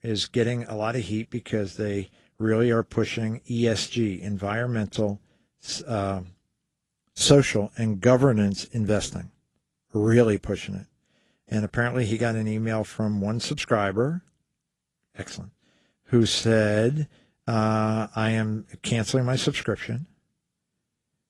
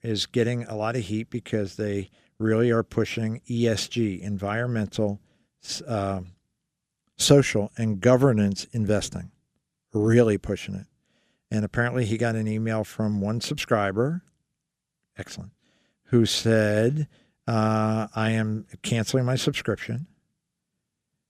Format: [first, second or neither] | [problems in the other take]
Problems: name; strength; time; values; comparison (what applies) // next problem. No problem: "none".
second | garbled, watery; slightly; nothing above 11 kHz